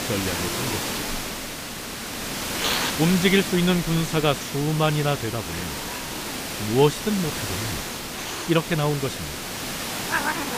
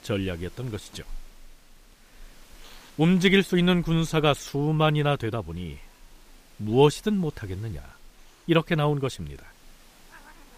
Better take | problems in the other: second | hiss; loud; throughout; 4 dB below the speech; faint in the second

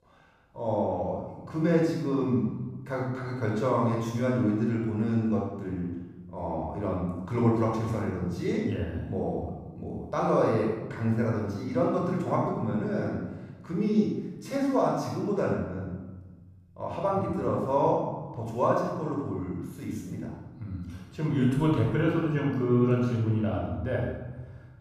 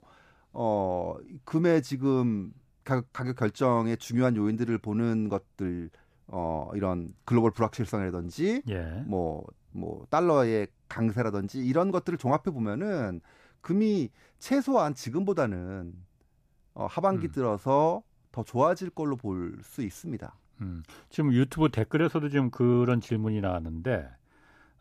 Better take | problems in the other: second | off-mic speech; far // room echo; noticeable; dies away in 1.2 s

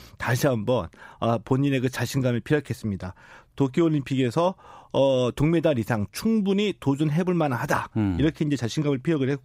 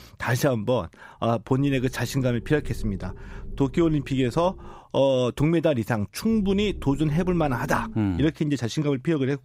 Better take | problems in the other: first | low rumble; faint; from 1.5 to 5 s and from 6.5 to 8 s; 20 dB below the speech

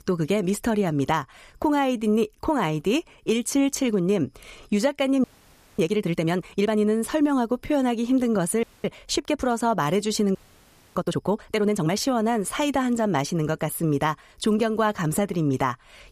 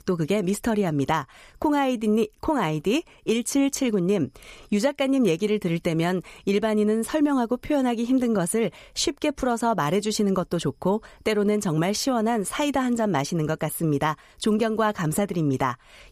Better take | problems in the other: second | audio freezing; at 5 s for 0.5 s, at 8.5 s and at 10 s for 0.5 s

